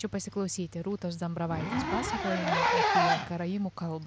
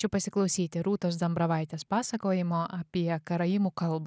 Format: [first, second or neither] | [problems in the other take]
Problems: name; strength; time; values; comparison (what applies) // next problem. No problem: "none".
second | background sound (Zipper (clothing)); 2 dB above the speech